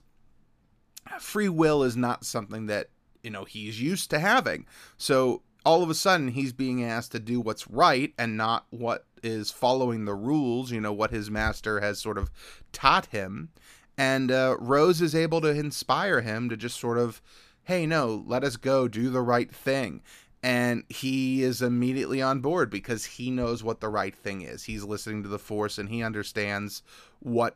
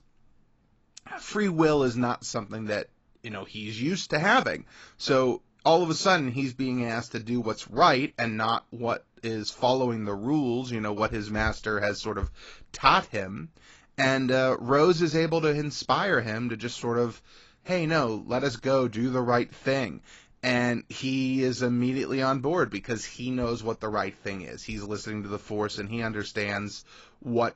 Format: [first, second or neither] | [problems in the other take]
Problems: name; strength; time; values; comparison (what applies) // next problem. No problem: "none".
first | garbled, watery; badly; nothing above 7.5 kHz